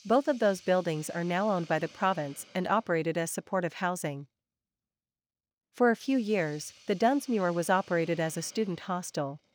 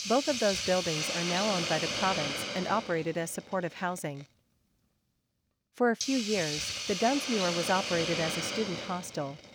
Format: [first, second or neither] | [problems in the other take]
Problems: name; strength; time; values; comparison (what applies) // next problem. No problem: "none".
first | hiss; loud; throughout; 1 dB below the speech; faint in the first